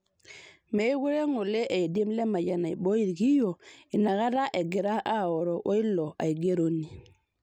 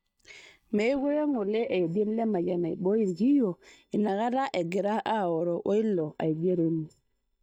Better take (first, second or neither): first